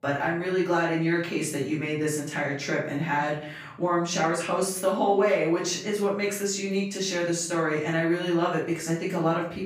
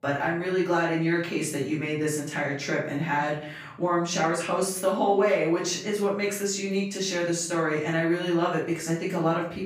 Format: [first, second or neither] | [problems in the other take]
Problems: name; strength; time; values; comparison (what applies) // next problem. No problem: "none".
neither | off-mic speech; far; the same in both // room echo; noticeable; dies away in 0.6 s; the same in both